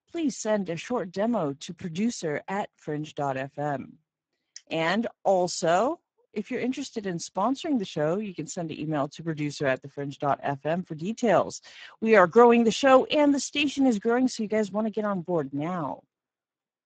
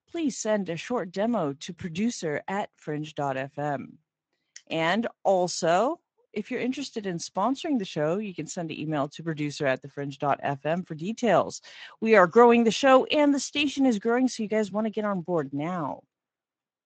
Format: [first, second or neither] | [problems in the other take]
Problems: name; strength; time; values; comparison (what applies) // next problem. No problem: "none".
second | garbled, watery; badly; nothing above 7.5 kHz; slightly in the second